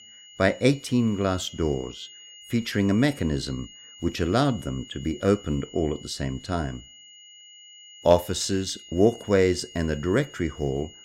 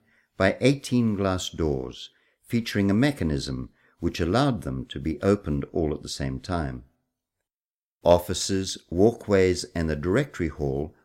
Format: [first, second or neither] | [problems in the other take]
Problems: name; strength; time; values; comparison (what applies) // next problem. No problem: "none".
second | high-pitched whine; noticeable; throughout; 3 kHz, 20 dB below the speech